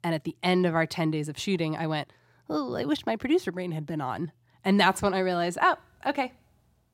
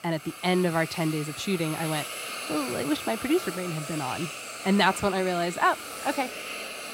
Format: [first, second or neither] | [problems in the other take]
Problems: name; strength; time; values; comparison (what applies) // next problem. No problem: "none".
first | hiss; loud; throughout; 7 dB below the speech